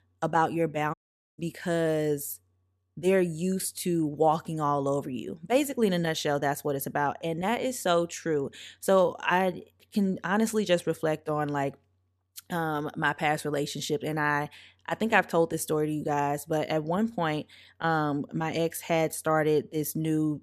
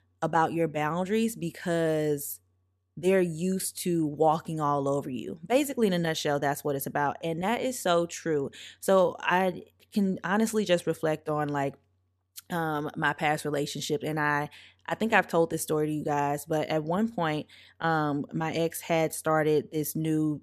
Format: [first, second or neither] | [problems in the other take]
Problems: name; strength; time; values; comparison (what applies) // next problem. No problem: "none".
second | audio cutting out; at 1 s